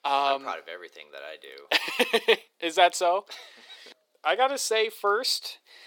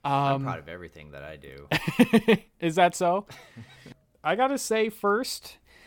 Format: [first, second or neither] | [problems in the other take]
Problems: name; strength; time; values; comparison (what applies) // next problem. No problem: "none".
second | thin; very; fading below 400 Hz